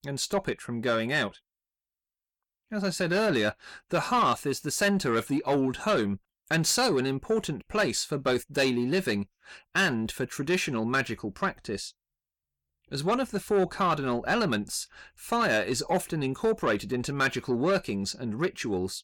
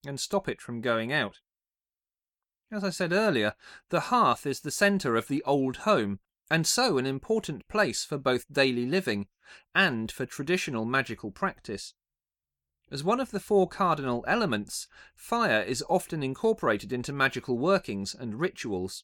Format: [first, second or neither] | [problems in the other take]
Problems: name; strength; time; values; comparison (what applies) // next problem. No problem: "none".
second | distortion; slight; 10 dB below the speech